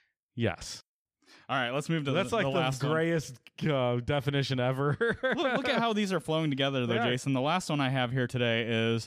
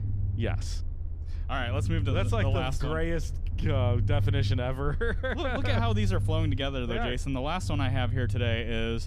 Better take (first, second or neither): first